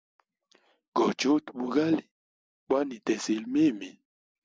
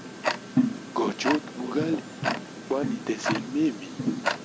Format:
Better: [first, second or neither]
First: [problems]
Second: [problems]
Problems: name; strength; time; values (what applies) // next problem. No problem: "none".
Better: first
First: none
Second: background sound (Tick-tock); as loud as the speech